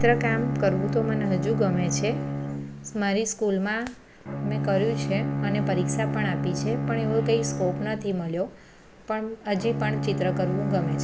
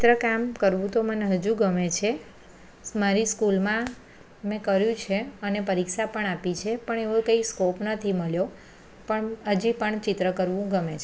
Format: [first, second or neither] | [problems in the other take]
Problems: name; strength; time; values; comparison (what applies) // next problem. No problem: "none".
second | background sound (Bowed string instrument); 2 dB below the speech